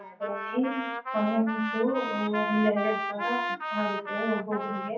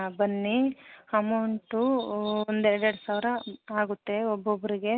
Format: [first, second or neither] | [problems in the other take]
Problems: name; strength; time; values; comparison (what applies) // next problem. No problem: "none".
second | noise reduction (classical method WPE with log-MMSE)